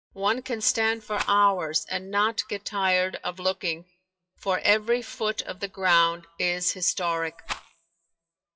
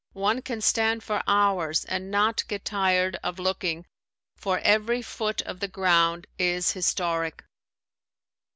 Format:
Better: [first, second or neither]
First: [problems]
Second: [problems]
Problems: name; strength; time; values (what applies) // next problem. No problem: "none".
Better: second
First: noise reduction (classical method WPE with log-MMSE)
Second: none